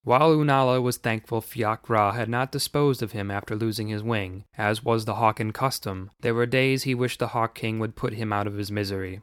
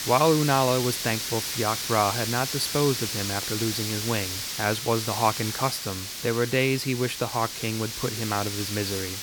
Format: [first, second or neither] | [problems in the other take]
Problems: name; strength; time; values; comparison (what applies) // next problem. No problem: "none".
first | hiss; loud; throughout; 3 dB below the speech